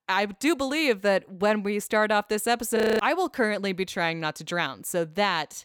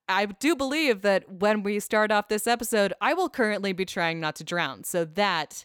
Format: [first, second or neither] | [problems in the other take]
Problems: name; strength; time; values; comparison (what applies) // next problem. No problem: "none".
second | audio freezing; at 3 s